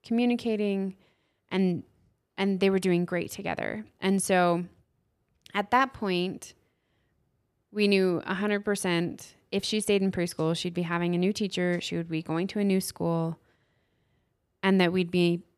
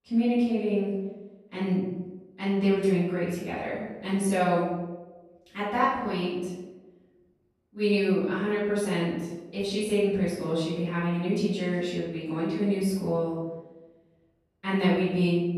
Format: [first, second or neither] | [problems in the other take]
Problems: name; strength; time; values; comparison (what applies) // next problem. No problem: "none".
first | off-mic speech; far // room echo; noticeable; dies away in 1 s